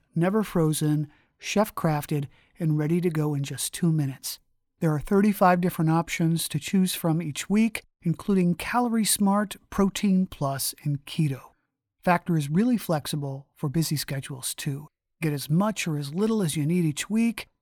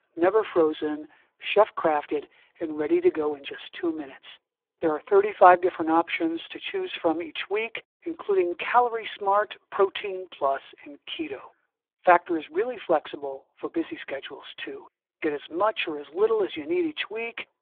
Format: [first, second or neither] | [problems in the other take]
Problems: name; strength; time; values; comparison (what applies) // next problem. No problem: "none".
first | phone-call audio; poor line; nothing above 3.5 kHz